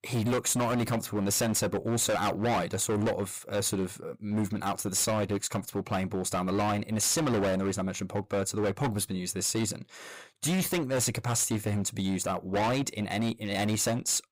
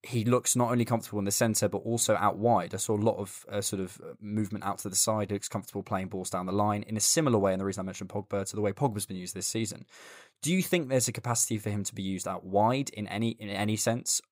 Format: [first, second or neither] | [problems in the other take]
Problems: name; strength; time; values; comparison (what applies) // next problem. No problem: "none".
second | distortion; heavy; 20% of the sound clipped